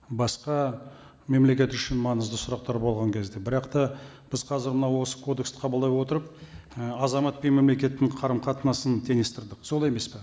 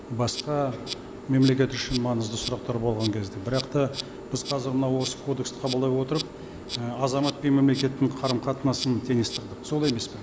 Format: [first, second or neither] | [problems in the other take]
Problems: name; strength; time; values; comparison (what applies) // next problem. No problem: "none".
first | background sound (Insect); 11 dB below the speech